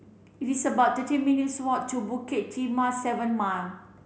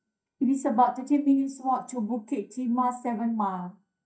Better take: first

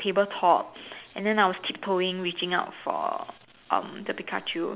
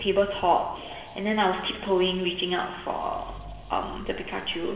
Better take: first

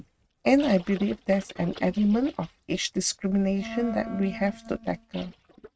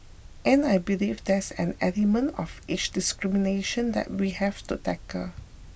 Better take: second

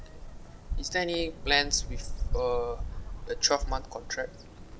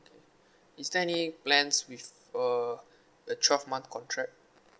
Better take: second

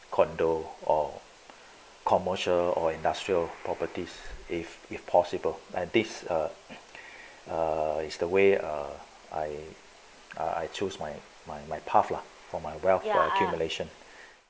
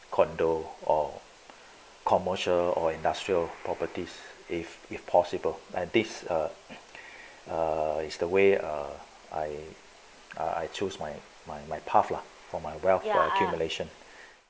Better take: second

